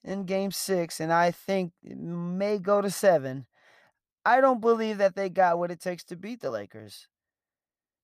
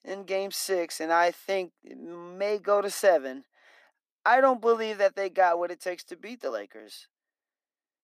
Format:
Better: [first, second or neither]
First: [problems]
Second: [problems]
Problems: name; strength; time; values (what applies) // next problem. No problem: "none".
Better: first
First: none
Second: thin; somewhat; fading below 250 Hz